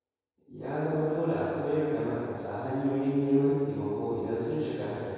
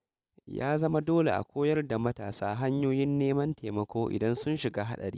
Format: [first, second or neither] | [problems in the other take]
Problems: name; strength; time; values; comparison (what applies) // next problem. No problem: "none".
second | room echo; dies away in 2.2 s